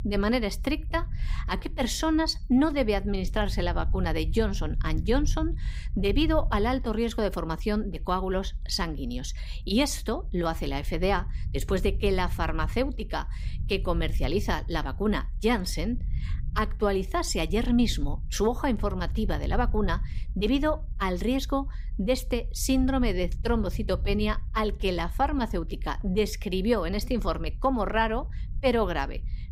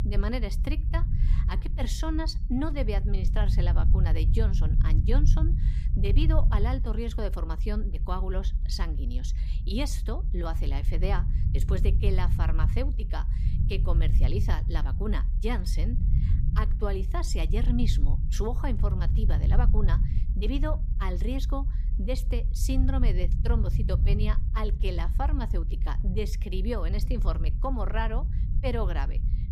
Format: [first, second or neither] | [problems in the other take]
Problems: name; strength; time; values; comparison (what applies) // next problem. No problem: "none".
first | low rumble; loud; throughout; 9 dB below the speech; faint in the first